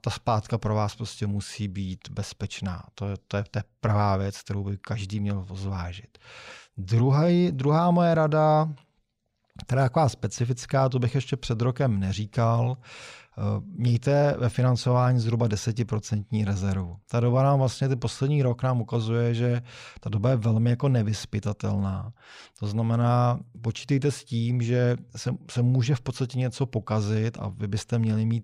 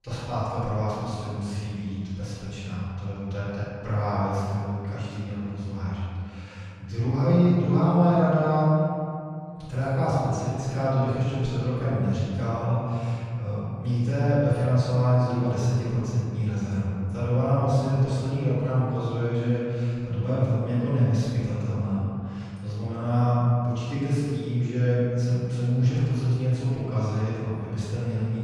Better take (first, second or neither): first